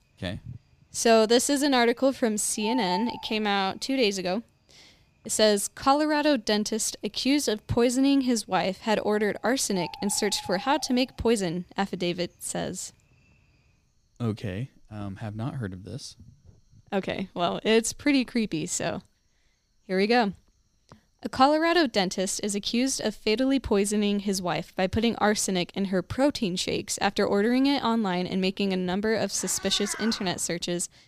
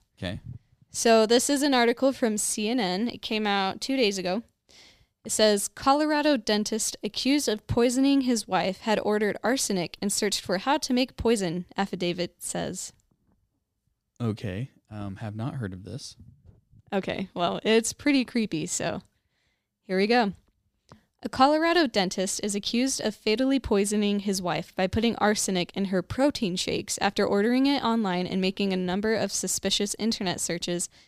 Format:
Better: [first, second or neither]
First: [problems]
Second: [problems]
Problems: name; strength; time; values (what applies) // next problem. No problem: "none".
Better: second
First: animal sounds; noticeable; throughout; 15 dB below the speech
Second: none